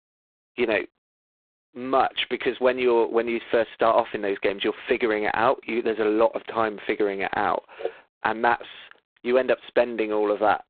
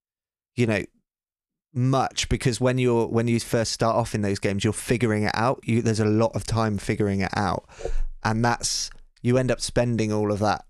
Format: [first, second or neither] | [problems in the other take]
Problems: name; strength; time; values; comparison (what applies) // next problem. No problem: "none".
second | phone-call audio; poor line; nothing above 3.5 kHz